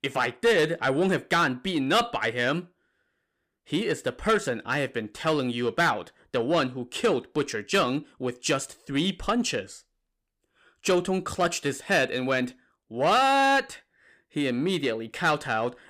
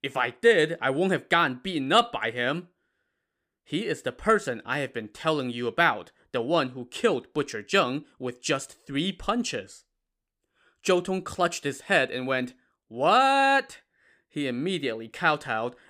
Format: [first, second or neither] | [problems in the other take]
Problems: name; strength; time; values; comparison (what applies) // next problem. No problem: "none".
second | distortion; slight; 10 dB below the speech